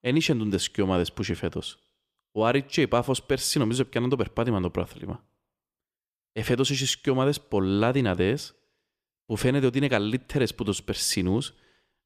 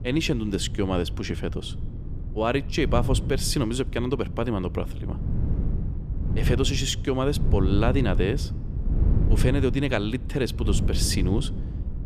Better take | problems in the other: first | wind noise on the microphone; occasional gusts; 15 dB below the speech

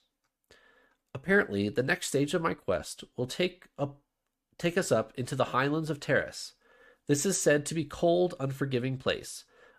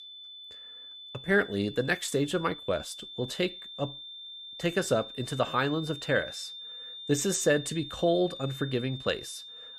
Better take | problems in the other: first | high-pitched whine; noticeable; throughout; 3.5 kHz, 10 dB below the speech

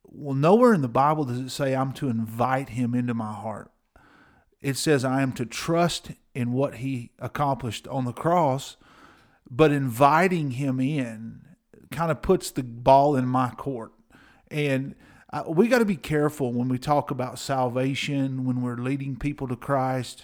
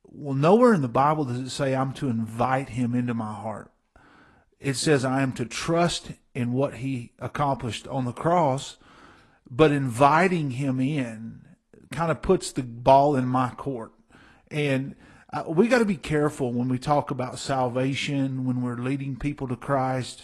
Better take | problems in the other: first | garbled, watery; slightly

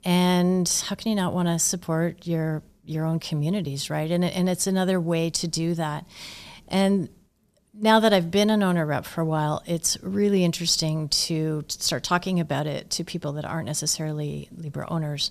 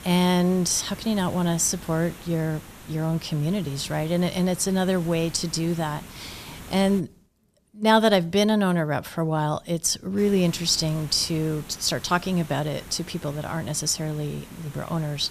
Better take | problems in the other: first | hiss; noticeable; until 7 s and from 10 s on; 20 dB below the speech

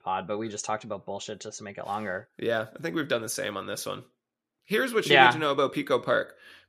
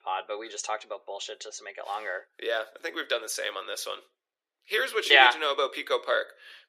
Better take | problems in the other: first | thin; very; fading below 400 Hz

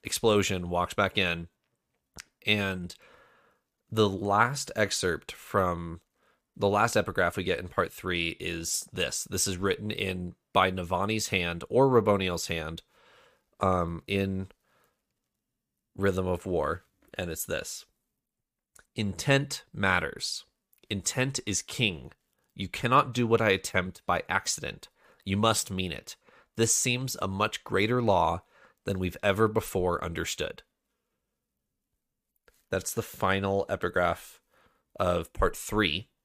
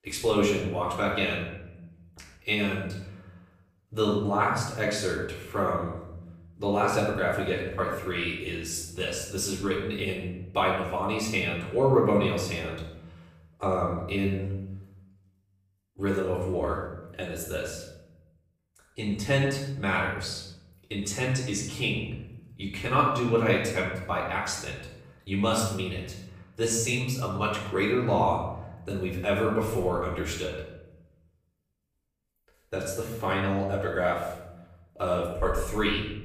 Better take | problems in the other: first | off-mic speech; far // room echo; noticeable; dies away in 0.9 s

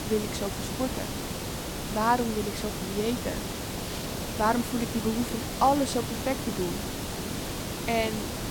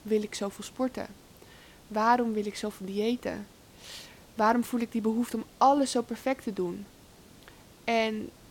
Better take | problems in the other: second | hiss; loud; throughout; 4 dB below the speech; faint in the second

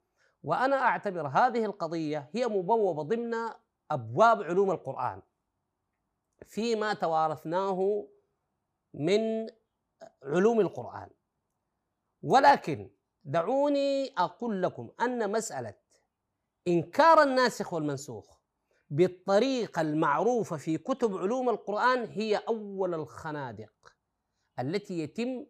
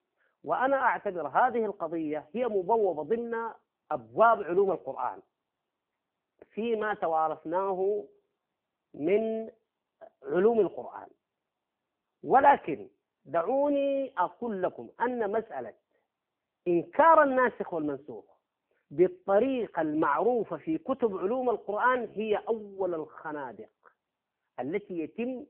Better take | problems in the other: first | phone-call audio; poor line

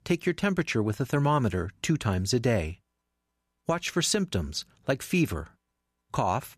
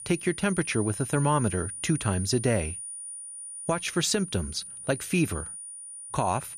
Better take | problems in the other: first | high-pitched whine; loud; throughout; 9.5 kHz, 8 dB below the speech

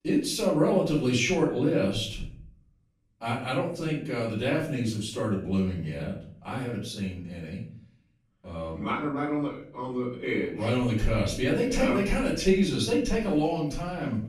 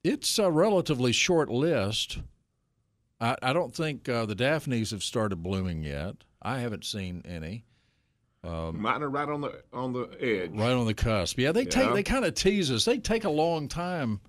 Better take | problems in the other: second | off-mic speech; far // room echo; noticeable; dies away in 0.5 s

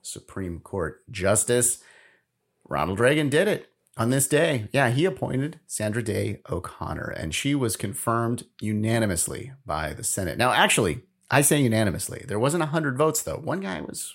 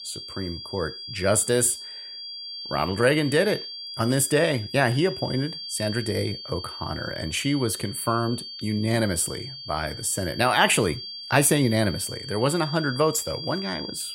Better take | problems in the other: first | high-pitched whine; noticeable; throughout; 4.5 kHz, 10 dB below the speech

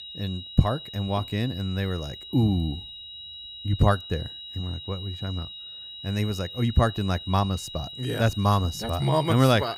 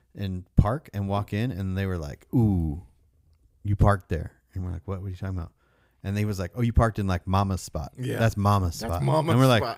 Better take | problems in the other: second | high-pitched whine; noticeable; throughout; 4 kHz, 10 dB below the speech

